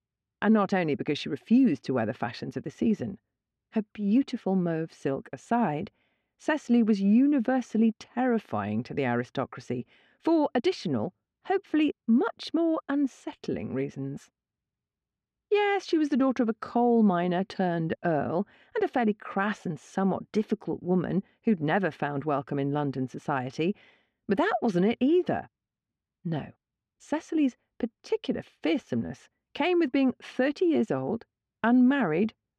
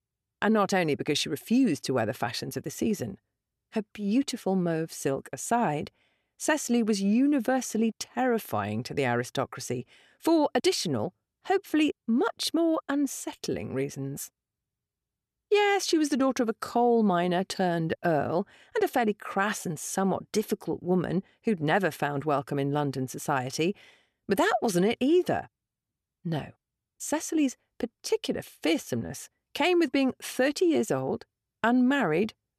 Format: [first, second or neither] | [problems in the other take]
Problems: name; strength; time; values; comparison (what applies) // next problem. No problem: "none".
second | muffled; slightly; fading above 3 kHz